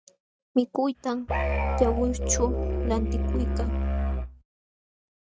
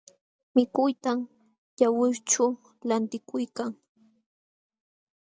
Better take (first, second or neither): second